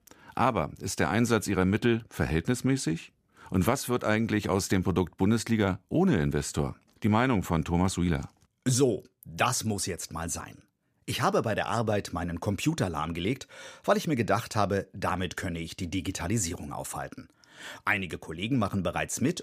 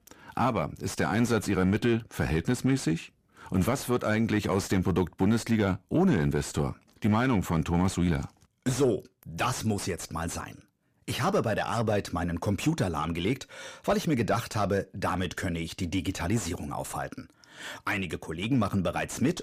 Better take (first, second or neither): first